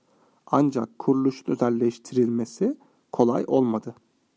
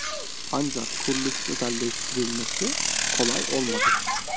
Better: first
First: none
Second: background sound (Bicycle); 3 dB above the speech

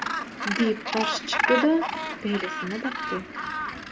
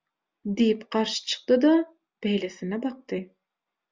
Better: second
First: background sound (Gull, seagull); 1 dB below the speech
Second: none

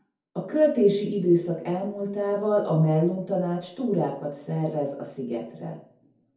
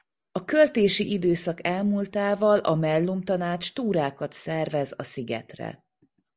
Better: second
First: room echo; dies away in 0.6 s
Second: none

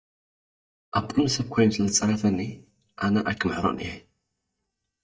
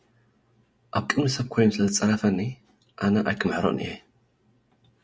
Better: second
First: noise reduction (neural mask model DeepFilterNet 3)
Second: none

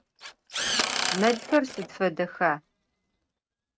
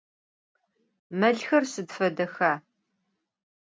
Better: second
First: noise reduction (neural mask model RNNoise)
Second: none

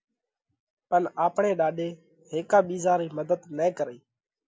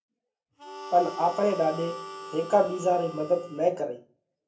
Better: first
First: none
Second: background sound (Harmonica); 13 dB below the speech // room echo; dies away in 0.3 s

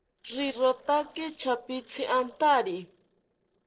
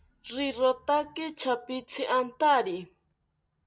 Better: second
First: noise reduction (neural separator model SepFormer DNS4)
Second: none

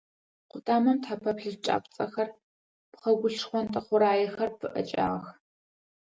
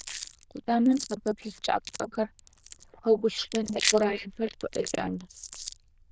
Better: first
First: none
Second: noise reduction (neural diffusion model UNIVERSE++)

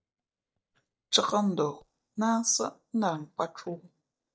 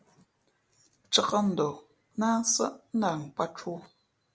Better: second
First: noise reduction (neural mask model DeepFilterNet 3)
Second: none

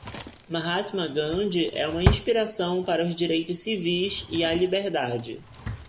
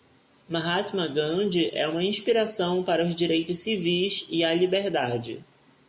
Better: second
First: background sound (Drawer open or close); 6 dB below the speech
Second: none

